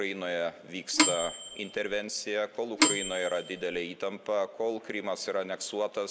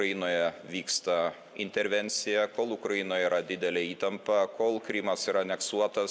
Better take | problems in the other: second | background sound (Microwave oven / Bell); 3 dB above the speech

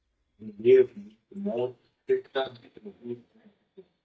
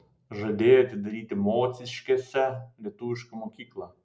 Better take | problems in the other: second | noise reduction (neural mask model DeepFilterNet 3)

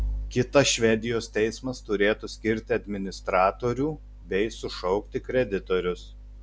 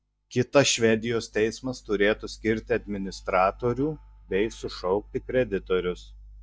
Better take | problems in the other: first | noise reduction (neural mask model DeepFilterNet 3)

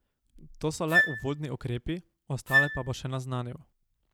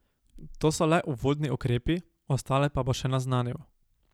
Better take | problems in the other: second | background sound (Wind instrument, woodwind instrument); 4 dB above the speech

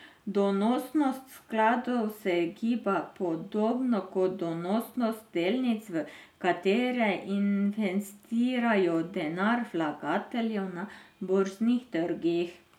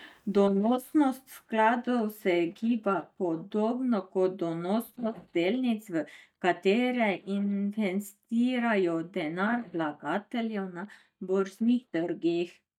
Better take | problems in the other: first | noise reduction (neural mask model DeepFilterNet 3)

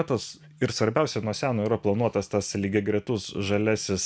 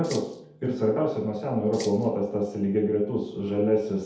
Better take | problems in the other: first | background sound (Rattle (instrument)); 17 dB below the speech // room echo; dies away in 0.8 s

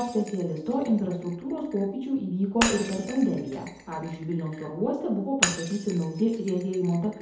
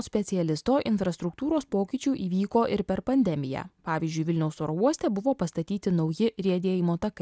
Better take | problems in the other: second | background sound (Shatter); 9 dB below the speech // room echo; dies away in 2 s

